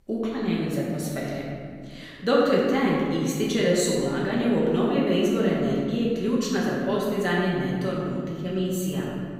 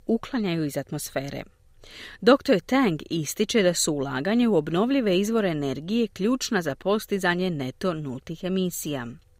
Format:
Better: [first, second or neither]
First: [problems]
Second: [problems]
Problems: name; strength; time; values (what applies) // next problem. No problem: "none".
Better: second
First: room echo; noticeable; dies away in 2 s // off-mic speech; far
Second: none